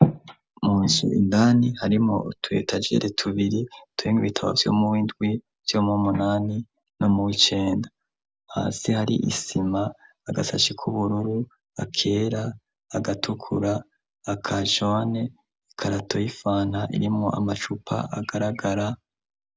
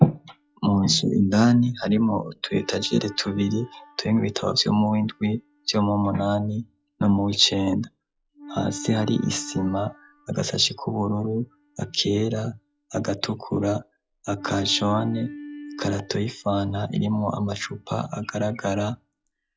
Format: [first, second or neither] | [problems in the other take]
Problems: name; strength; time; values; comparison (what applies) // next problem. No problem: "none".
first | noise reduction (classical method log-MMSE)